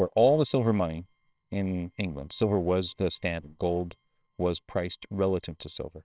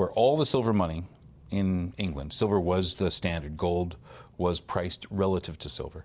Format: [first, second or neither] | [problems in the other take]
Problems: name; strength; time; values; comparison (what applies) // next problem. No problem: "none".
second | noise reduction (neural separator model SepFormer WHAMR!)